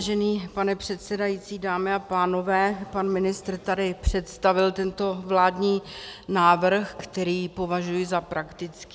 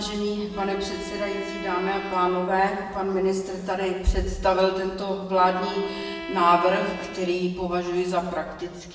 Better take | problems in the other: first | background sound (Bowed string instrument); 14 dB below the speech // room echo; dies away in 1 s

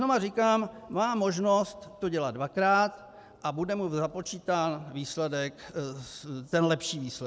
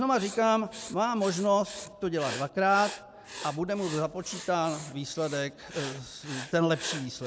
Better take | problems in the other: first | background sound (Writing); 14 dB below the speech

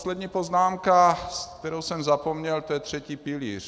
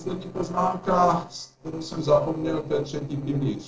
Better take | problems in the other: first | noise reduction (neural separator model SepFormer DNS4)

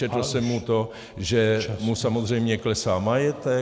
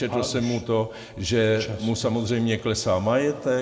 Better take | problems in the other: first | room echo; dies away in 0.8 s

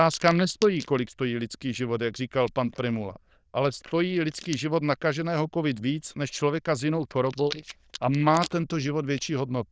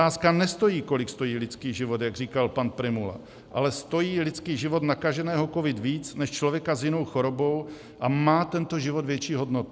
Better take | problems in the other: second | noise reduction (neural diffusion model UNIVERSE++)

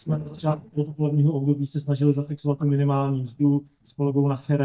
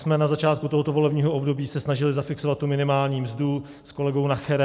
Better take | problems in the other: second | noise reduction (neural mask model DeepFilterNet 3)

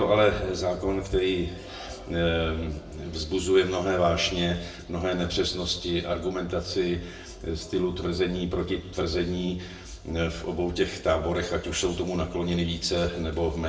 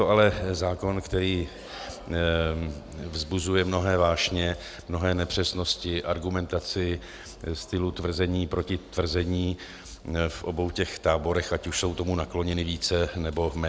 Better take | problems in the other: second | room echo; dies away in 0.7 s

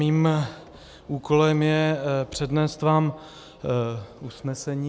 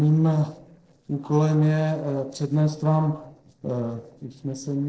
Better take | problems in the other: first | noise reduction (neural separator model SepFormer DNS4)

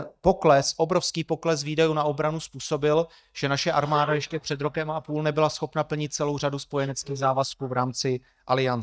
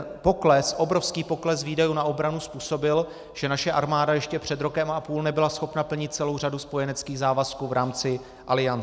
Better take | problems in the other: second | noise reduction (neural mask model DeepFilterNet 3)

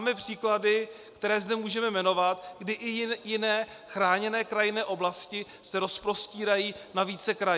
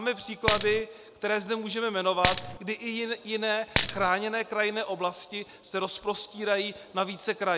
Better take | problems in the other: first | background sound (Coin (dropping)); 1 dB above the speech

